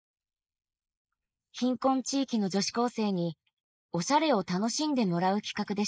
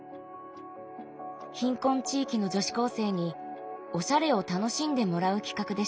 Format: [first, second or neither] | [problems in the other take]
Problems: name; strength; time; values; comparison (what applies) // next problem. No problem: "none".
second | noise reduction (neural mask model Resemble Enhance denoiser)